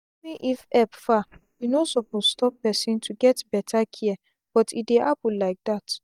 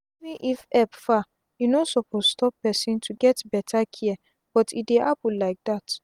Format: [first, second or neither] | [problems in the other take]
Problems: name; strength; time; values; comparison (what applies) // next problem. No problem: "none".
second | noise reduction (neural mask model DeepFilterNet 3)